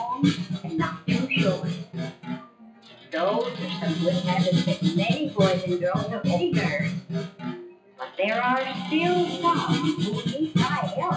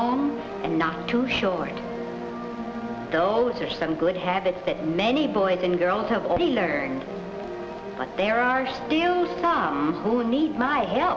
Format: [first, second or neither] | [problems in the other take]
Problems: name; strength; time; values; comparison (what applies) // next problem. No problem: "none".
second | noise reduction (classical method WPE with log-MMSE)